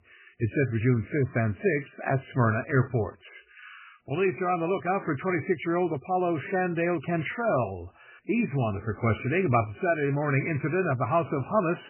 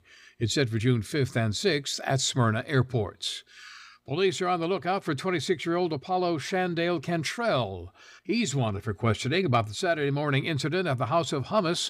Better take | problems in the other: second | garbled, watery; badly; nothing above 2.5 kHz

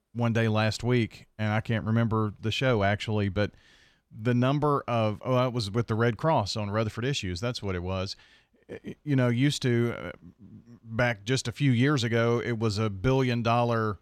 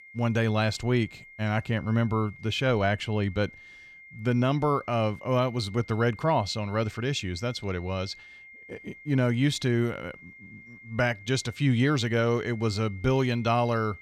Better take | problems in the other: first | high-pitched whine; noticeable; throughout; 2 kHz, 20 dB below the speech

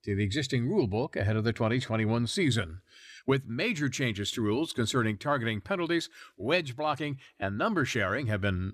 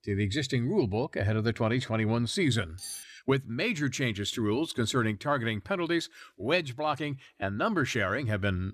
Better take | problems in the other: first | clattering dishes; noticeable; at 3 s; peak 10 dB below the speech

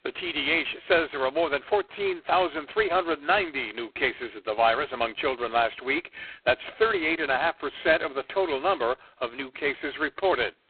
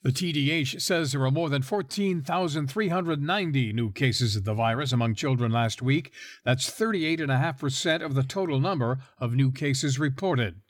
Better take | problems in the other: second | phone-call audio; poor line; nothing above 4 kHz

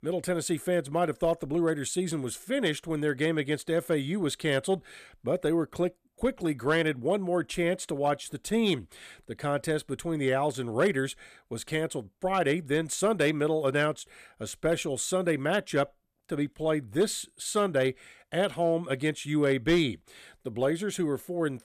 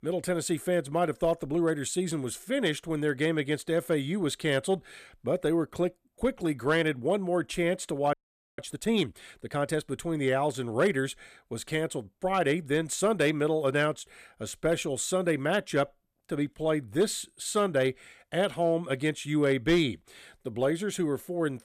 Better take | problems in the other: first | audio freezing; at 8 s

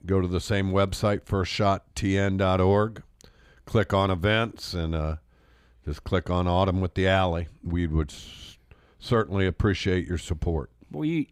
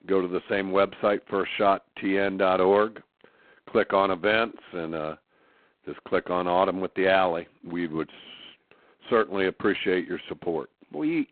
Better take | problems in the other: first | phone-call audio; poor line; nothing above 3.5 kHz

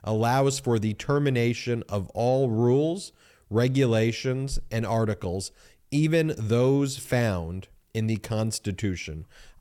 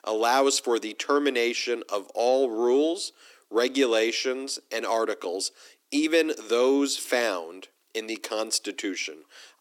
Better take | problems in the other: first | thin; somewhat; fading below 300 Hz

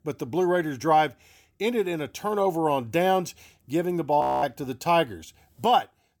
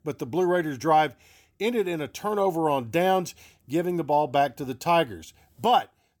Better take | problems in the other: second | audio freezing; at 4 s

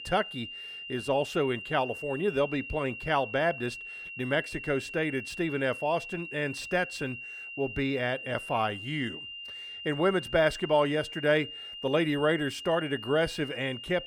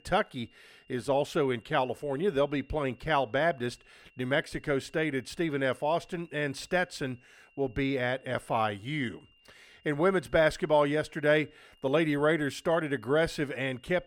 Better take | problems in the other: second | high-pitched whine; loud; throughout; 2.5 kHz, 9 dB below the speech; faint in the second

